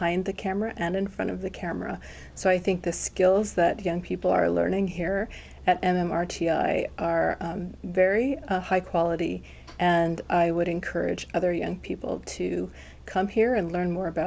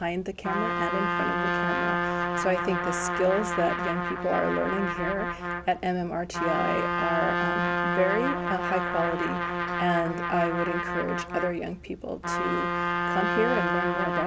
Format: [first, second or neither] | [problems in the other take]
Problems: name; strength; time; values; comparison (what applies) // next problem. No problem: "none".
first | background sound (Trumpet); 1 dB above the speech